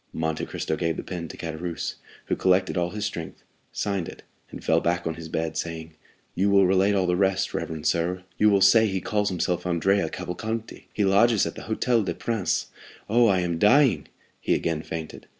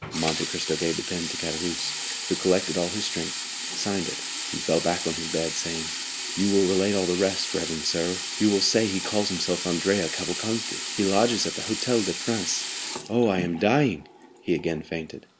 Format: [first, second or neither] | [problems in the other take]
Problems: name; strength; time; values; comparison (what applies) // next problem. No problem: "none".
first | background sound (Sink (filling or washing)); 5 dB below the speech